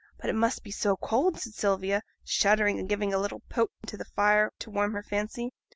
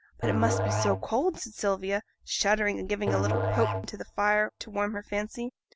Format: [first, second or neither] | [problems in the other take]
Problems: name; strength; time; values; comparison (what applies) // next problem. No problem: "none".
first | background sound (Musical instrument); 3 dB below the speech